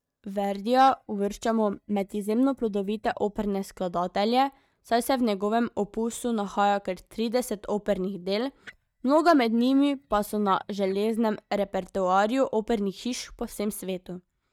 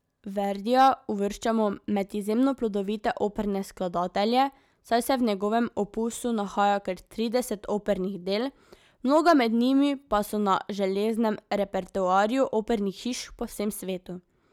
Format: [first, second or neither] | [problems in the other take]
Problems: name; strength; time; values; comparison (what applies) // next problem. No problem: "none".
second | noise reduction (neural mask model DeepFilterNet 3)